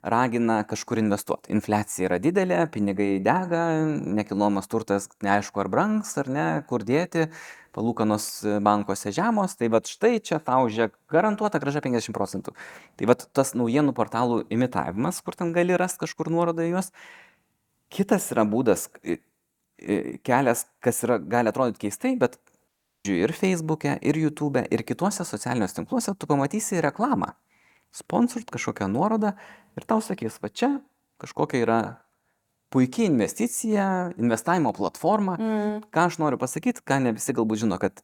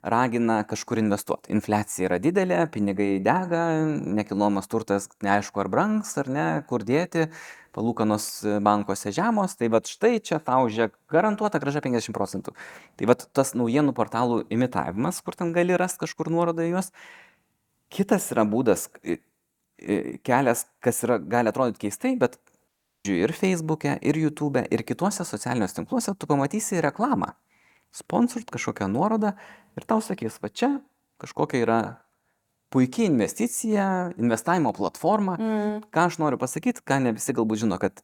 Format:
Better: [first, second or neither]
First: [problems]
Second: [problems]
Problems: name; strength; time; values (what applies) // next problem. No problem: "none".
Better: neither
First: audio cutting out; at 23 s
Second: audio cutting out; at 23 s